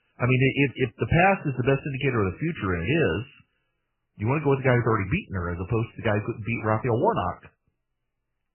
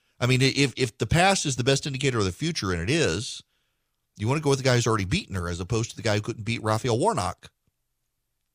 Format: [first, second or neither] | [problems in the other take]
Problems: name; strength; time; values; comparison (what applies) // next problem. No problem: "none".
second | garbled, watery; badly; nothing above 3 kHz